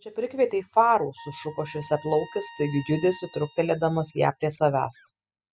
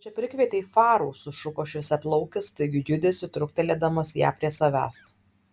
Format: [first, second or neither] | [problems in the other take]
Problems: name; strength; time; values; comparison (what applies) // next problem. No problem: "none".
second | noise reduction (classical method spectral subtraction)